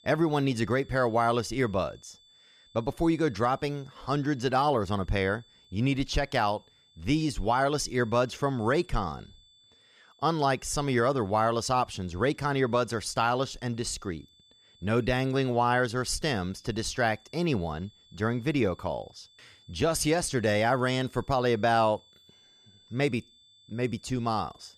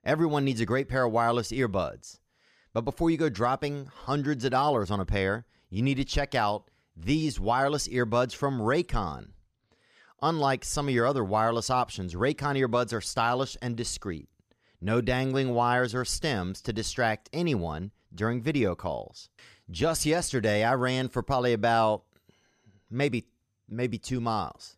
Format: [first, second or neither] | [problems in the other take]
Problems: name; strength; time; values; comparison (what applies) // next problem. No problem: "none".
second | high-pitched whine; faint; throughout; 3.5 kHz, 30 dB below the speech